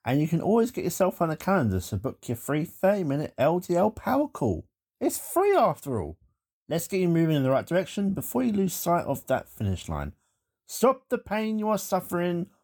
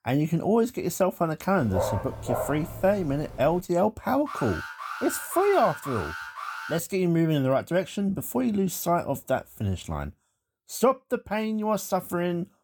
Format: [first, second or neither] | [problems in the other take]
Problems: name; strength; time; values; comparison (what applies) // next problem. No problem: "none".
first | dog barking; noticeable; from 1.5 to 3.5 s; peak 3 dB below the speech // alarm; noticeable; from 4.5 to 7 s; peak 8 dB below the speech